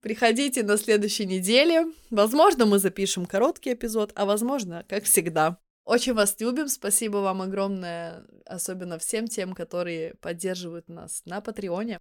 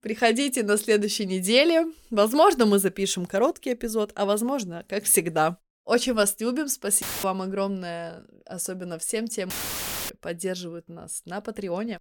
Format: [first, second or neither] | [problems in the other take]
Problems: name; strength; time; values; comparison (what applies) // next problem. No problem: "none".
first | audio cutting out; filled with static; at 7 s and at 9.5 s for 0.5 s